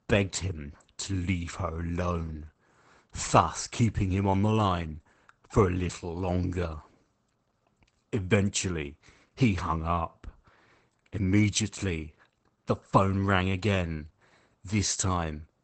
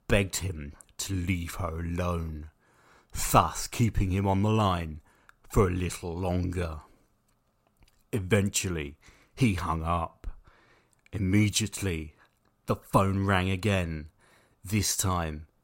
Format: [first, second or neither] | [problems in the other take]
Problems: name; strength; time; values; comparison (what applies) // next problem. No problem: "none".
second | garbled, watery; badly; nothing above 8 kHz